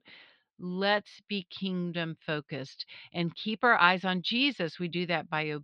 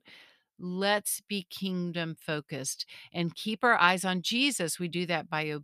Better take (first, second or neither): second